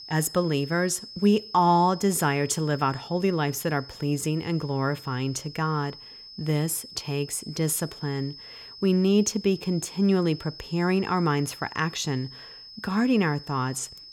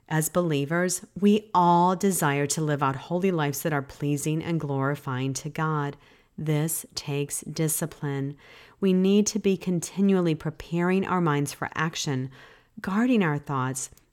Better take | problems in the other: second | high-pitched whine; noticeable; throughout; 5 kHz, 15 dB below the speech

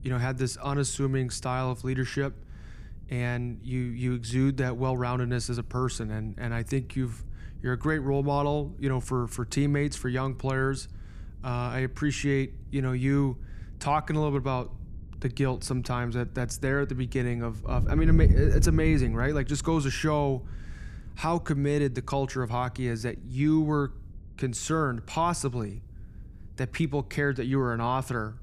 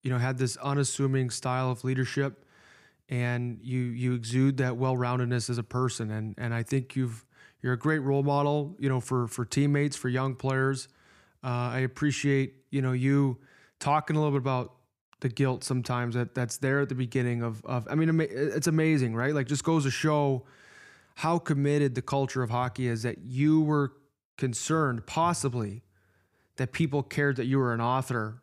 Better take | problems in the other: second | wind noise on the microphone; occasional gusts; 20 dB below the speech

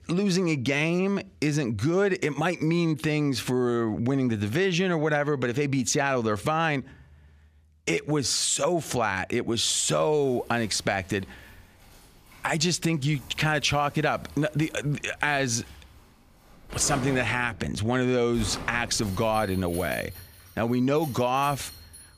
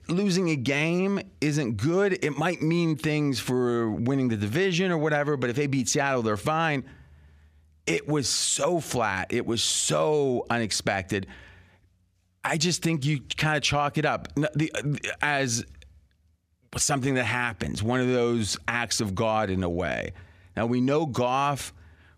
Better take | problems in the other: second | household noises; noticeable; from 10 s on; 20 dB below the speech

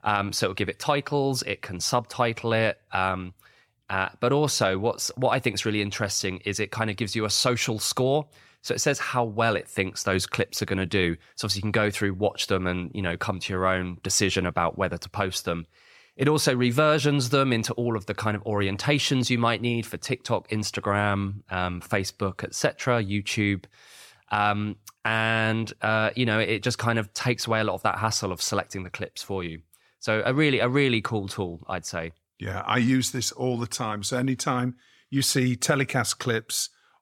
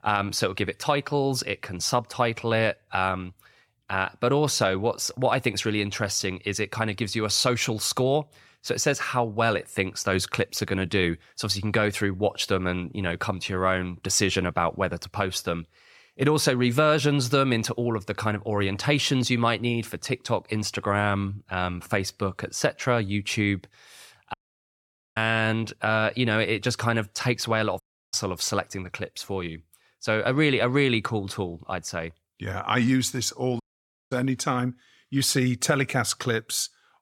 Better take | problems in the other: first | audio cutting out; at 24 s for 1 s, at 28 s and at 34 s for 0.5 s

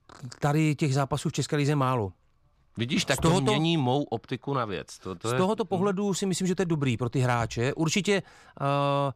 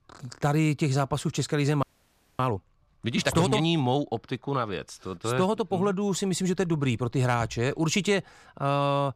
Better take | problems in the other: first | audio freezing; at 2 s for 0.5 s

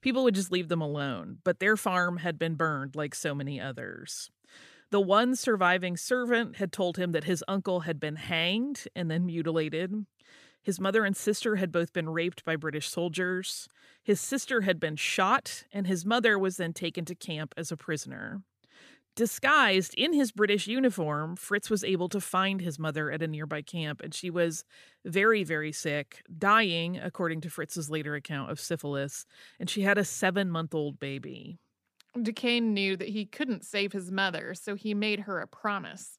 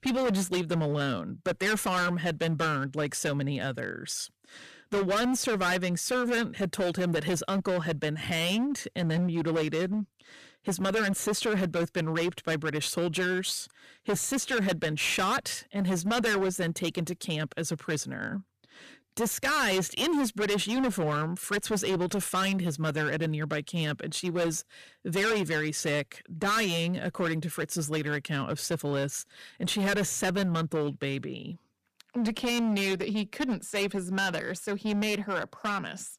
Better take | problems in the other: first | distortion; heavy; 17% of the sound clipped

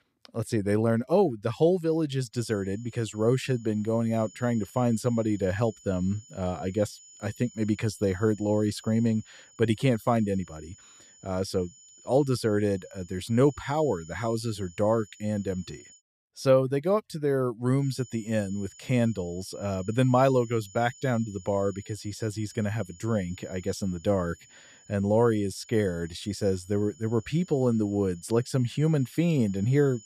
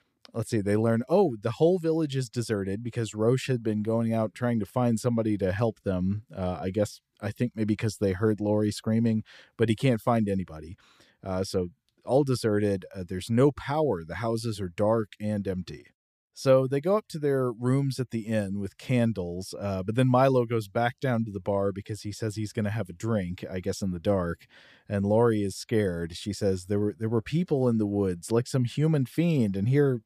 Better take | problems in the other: second | high-pitched whine; faint; from 2.5 to 16 s and from 18 s on; 7 kHz, 25 dB below the speech

